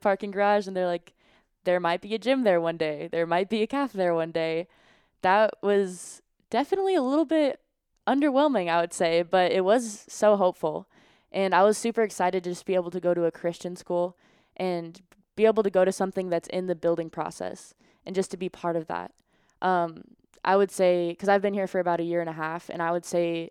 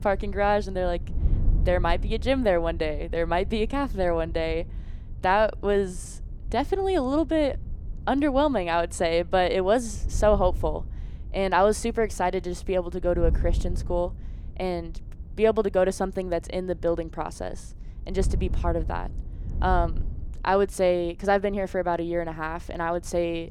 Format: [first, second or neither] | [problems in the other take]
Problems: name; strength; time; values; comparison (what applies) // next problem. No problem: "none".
first | wind noise on the microphone; occasional gusts; 25 dB below the speech